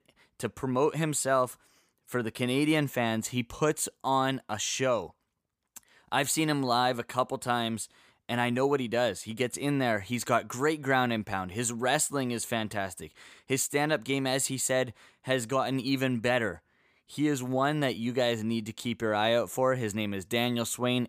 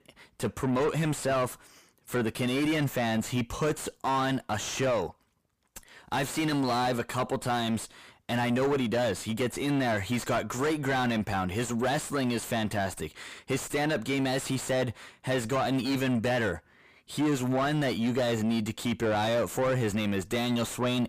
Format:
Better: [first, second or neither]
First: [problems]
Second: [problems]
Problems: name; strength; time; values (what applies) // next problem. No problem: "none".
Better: first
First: none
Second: distortion; heavy; 5 dB below the speech